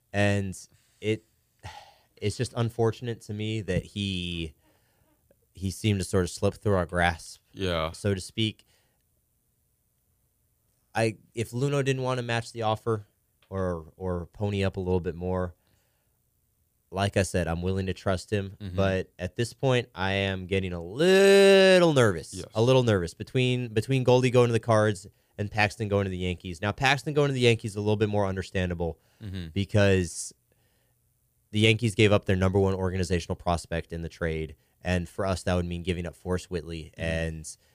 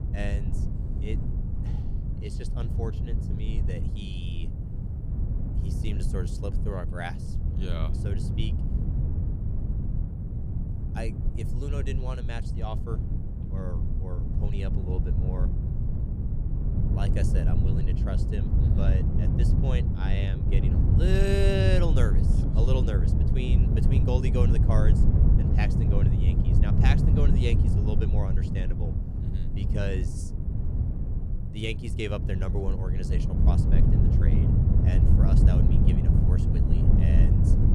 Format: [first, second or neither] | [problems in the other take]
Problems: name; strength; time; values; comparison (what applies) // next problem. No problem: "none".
first | wind noise on the microphone; heavy; 1 dB below the speech